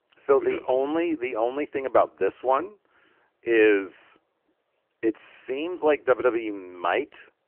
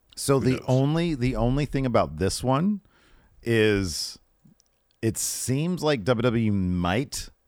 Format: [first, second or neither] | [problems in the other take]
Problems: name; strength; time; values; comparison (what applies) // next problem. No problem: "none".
second | phone-call audio; poor line; nothing above 3 kHz